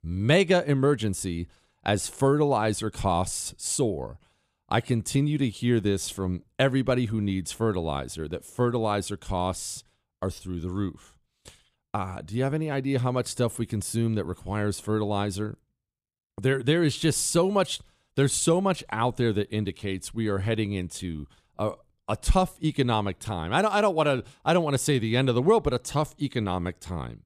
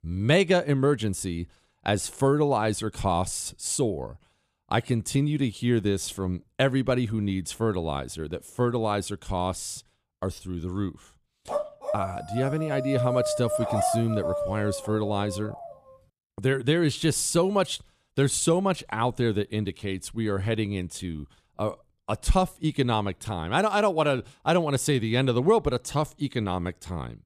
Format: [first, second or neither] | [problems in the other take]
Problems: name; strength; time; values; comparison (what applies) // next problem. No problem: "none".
first | dog barking; loud; from 11 to 16 s; peak level with the speech